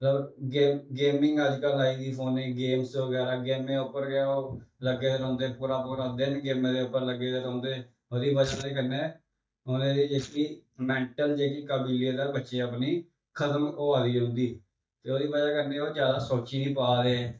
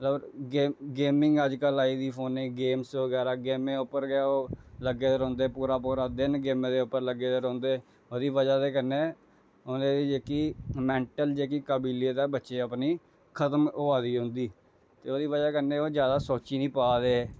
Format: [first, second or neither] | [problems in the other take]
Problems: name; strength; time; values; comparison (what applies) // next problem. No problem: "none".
second | noise reduction (neural mask model DeepFilterNet 3)